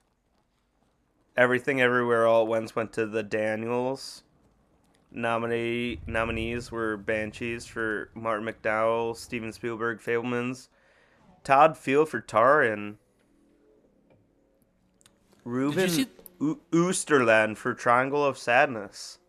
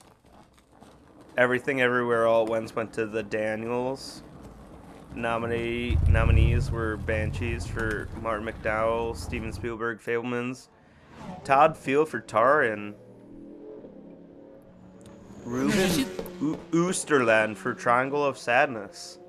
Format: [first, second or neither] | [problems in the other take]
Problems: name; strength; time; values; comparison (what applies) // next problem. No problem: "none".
first | traffic noise; loud; throughout; 5 dB below the speech; faint in the first